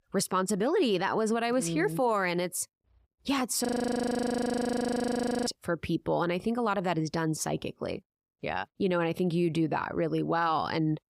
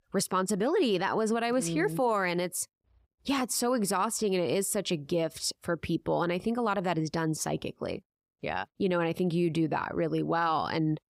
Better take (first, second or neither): second